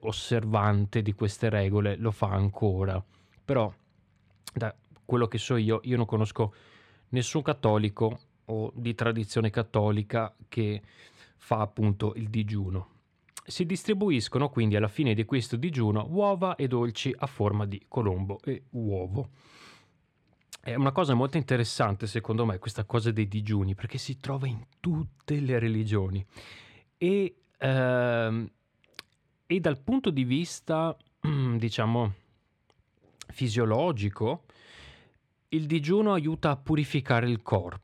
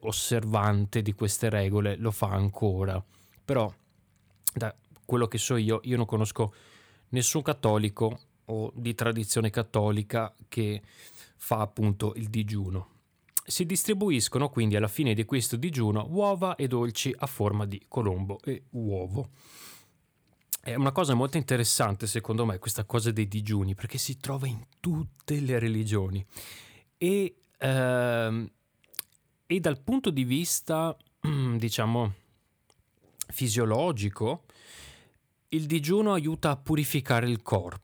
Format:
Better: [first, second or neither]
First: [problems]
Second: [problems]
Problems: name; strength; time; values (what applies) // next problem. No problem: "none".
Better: second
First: muffled; slightly; fading above 3.5 kHz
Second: none